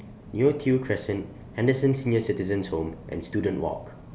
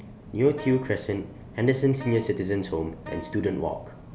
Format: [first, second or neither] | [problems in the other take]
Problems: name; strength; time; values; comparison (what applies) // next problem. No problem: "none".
first | background sound (Wind instrument, woodwind instrument); 19 dB below the speech